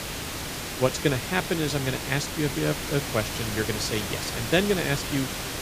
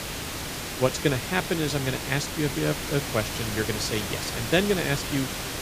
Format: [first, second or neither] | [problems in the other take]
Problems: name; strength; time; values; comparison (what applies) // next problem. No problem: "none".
neither | hiss; loud; throughout; 4 dB below the speech; the same in both